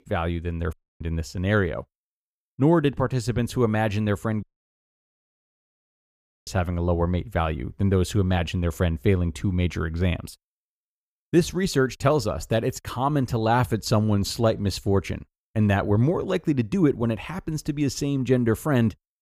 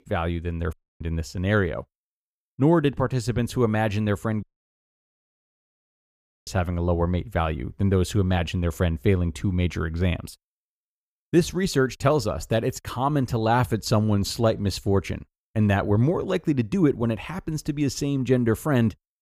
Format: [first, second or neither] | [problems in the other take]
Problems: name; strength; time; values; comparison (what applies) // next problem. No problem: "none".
neither | audio cutting out; at 0.5 s and at 4.5 s for 2 s; the same in both